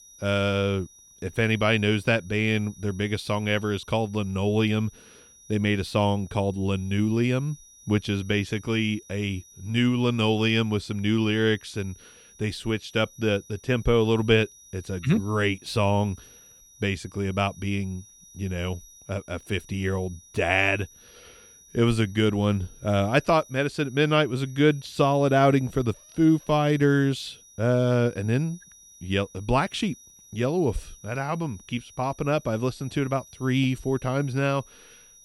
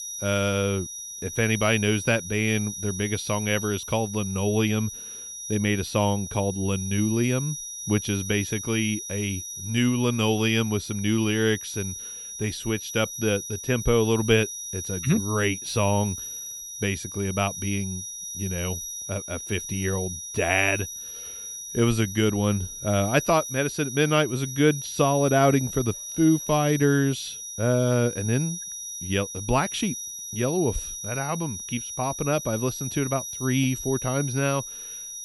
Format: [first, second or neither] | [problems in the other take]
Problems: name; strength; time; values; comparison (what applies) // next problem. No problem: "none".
first | high-pitched whine; loud; throughout; 6 kHz, 8 dB below the speech; faint in the first